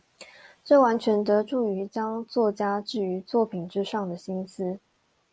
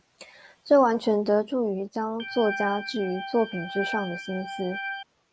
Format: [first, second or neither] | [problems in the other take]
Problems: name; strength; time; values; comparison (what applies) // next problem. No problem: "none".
first | background sound (Organ); 8 dB below the speech